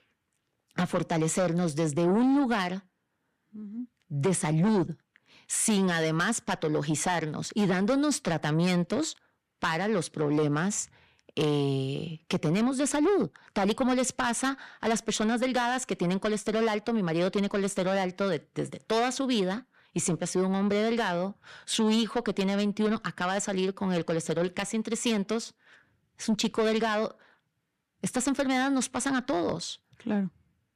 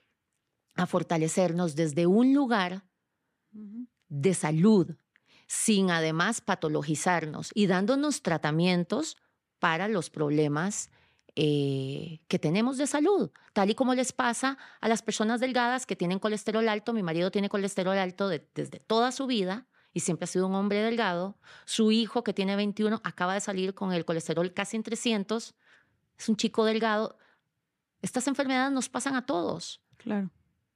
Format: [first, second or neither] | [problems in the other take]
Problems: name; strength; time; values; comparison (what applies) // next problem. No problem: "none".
second | distortion; slight; 10 dB below the speech